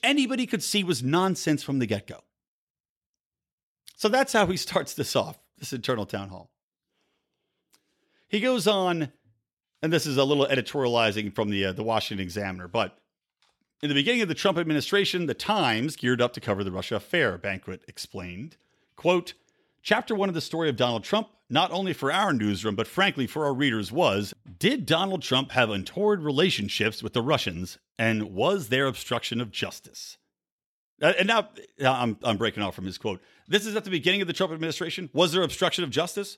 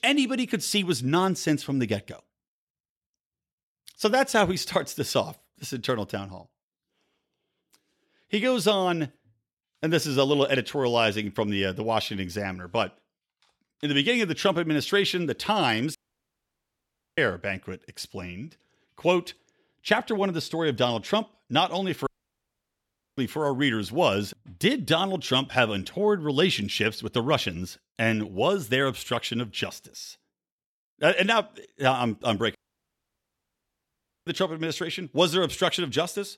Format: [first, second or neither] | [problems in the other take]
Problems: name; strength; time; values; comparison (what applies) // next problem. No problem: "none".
first | audio cutting out; at 16 s for 1 s, at 22 s for 1 s and at 33 s for 1.5 s